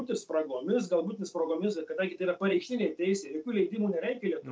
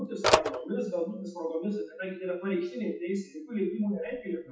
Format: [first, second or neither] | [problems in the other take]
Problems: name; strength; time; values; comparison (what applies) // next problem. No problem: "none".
first | noise reduction (classical method WPE with log-MMSE)